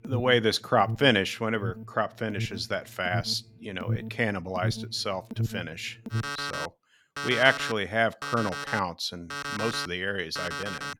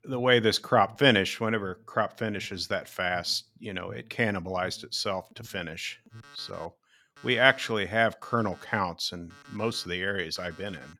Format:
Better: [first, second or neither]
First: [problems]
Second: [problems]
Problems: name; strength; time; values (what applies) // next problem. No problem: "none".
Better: second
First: alarms or sirens; loud; throughout; 7 dB below the speech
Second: alarms or sirens; faint; throughout; 25 dB below the speech